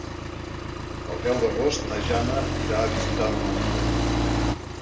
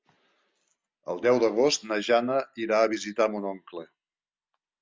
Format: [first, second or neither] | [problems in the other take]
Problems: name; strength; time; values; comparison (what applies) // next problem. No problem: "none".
second | background sound (Accelerating, revving, vroom); 3 dB above the speech // room echo; dies away in 2.1 s